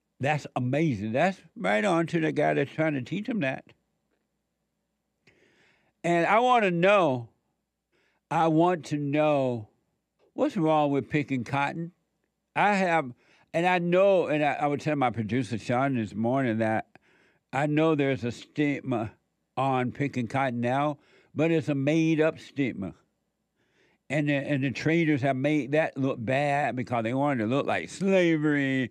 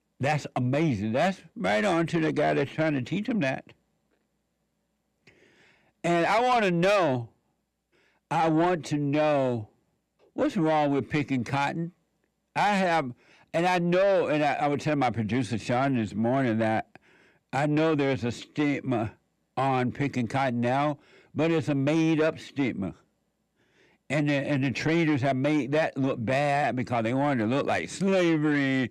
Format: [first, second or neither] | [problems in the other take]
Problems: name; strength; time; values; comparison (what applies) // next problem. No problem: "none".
first | distortion; slight; 10 dB below the speech